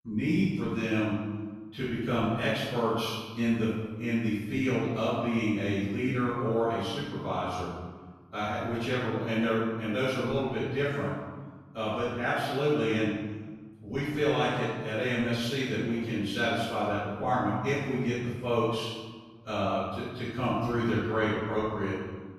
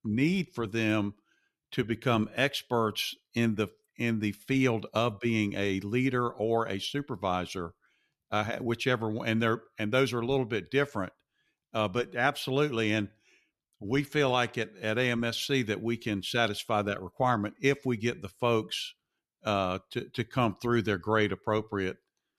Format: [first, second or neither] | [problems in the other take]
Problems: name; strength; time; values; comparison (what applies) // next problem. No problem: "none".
second | off-mic speech; far // room echo; strong; dies away in 1.3 s